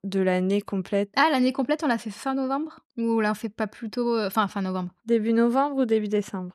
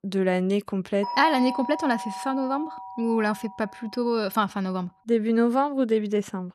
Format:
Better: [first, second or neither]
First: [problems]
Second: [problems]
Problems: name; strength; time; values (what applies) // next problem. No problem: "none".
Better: first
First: none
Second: doorbell; noticeable; from 1 to 4 s; peak 5 dB below the speech